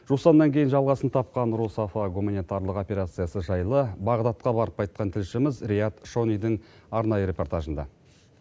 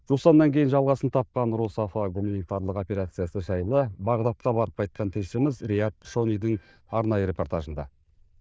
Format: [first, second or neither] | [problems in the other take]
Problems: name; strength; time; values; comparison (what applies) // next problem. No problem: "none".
first | noise reduction (neural diffusion model UNIVERSE++)